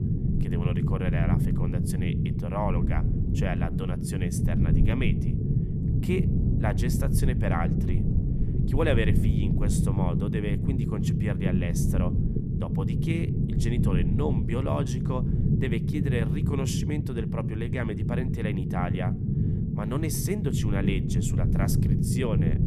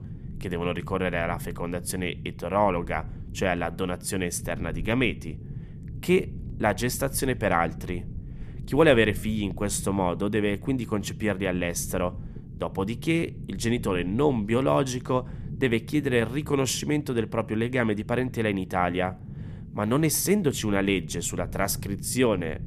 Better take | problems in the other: second | low rumble; loud; throughout; 2 dB below the speech; faint in the second

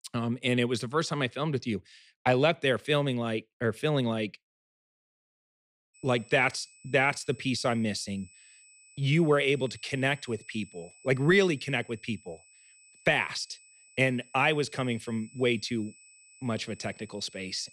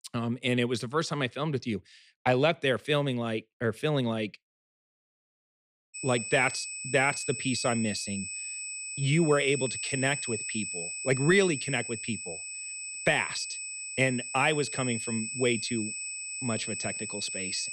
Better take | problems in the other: first | high-pitched whine; loud; from 6 s on; 8 kHz, 5 dB below the speech; faint in the first

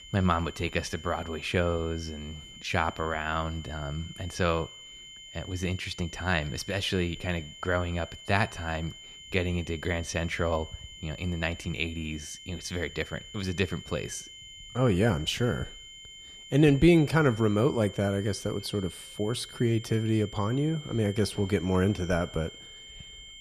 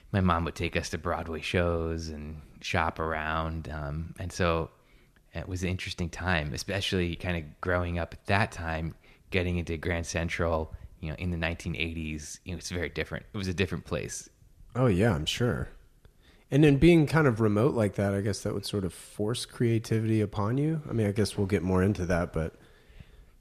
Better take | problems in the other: second | high-pitched whine; noticeable; throughout; 3 kHz, 15 dB below the speech

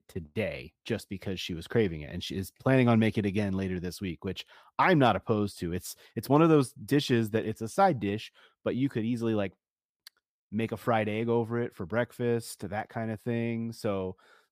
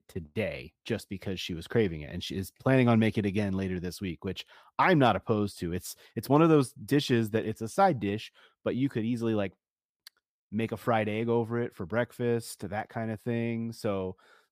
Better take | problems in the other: neither | none

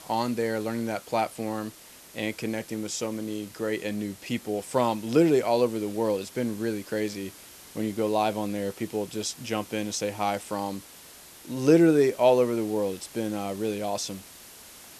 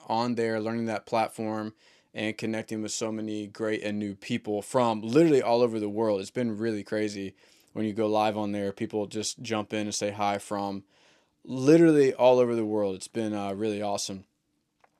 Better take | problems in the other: second | hiss; noticeable; throughout; 20 dB below the speech

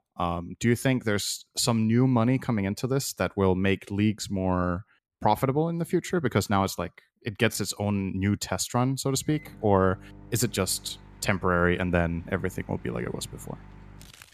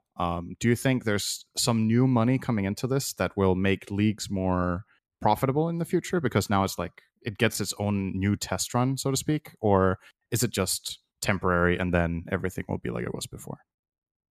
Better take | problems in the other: second | household noises; faint; from 9.5 s on; 20 dB below the speech

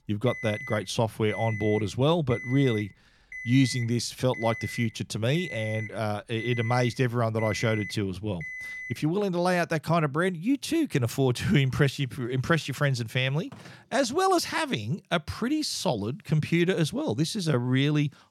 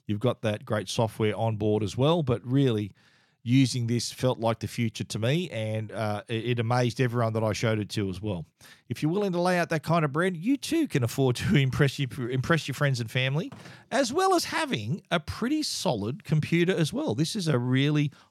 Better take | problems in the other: second | alarm; noticeable; until 9 s; peak 8 dB below the speech

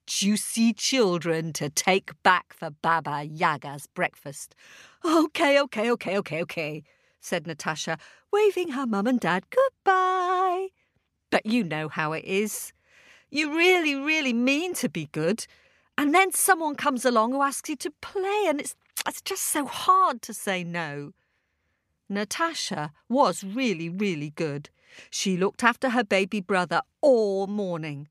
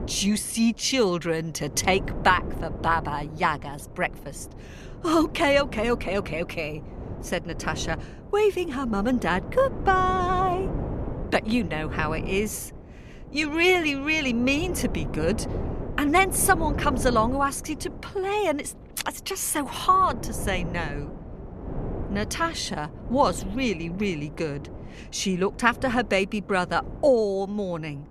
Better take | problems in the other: first | wind noise on the microphone; occasional gusts; 15 dB below the speech

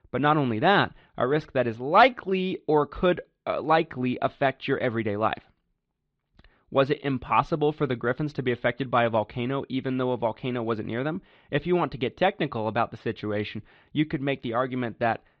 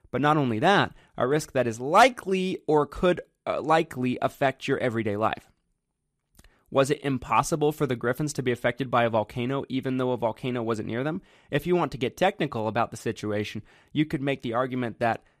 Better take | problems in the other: second | muffled; slightly; fading above 4 kHz

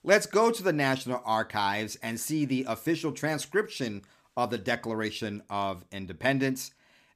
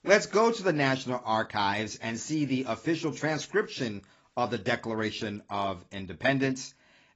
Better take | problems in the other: first | garbled, watery; badly; nothing above 7.5 kHz

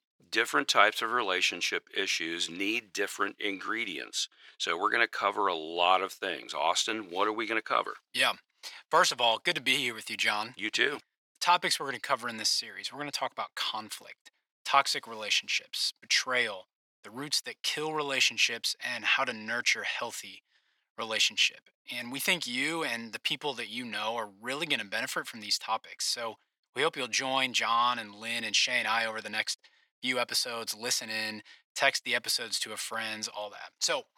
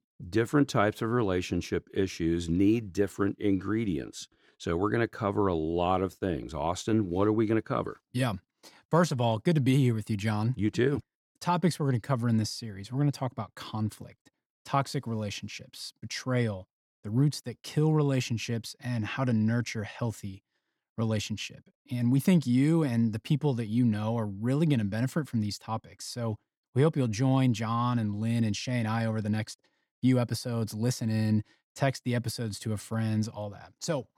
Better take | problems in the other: second | thin; very; fading below 800 Hz

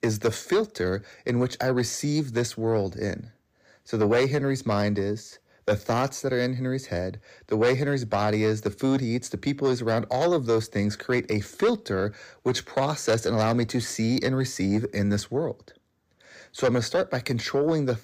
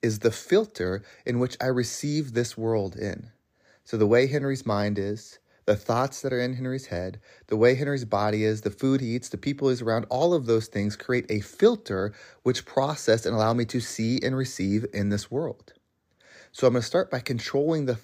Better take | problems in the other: second | distortion; slight; 10 dB below the speech

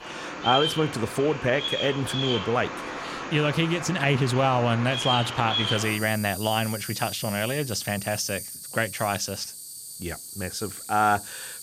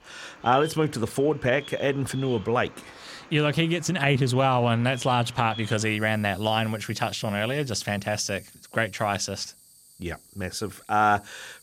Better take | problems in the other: second | animal sounds; loud; throughout; 6 dB below the speech; faint in the second

